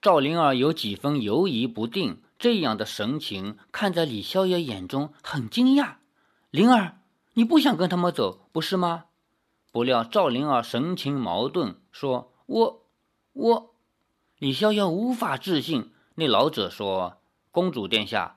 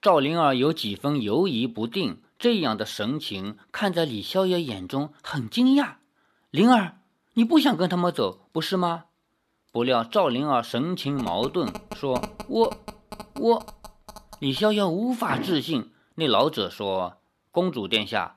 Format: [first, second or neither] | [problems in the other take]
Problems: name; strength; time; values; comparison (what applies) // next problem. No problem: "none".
first | phone ringing; faint; from 11 to 15 s; peak 10 dB below the speech // door banging; noticeable; at 15 s; peak 7 dB below the speech